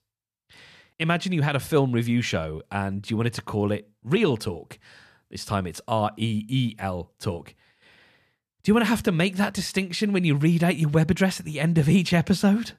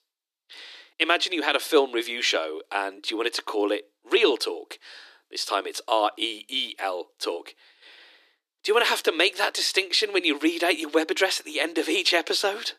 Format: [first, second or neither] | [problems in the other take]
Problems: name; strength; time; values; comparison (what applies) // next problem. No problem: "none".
first | thin; very; fading below 300 Hz